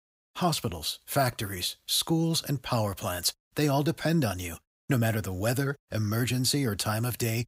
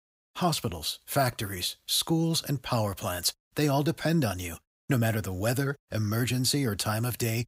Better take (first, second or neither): neither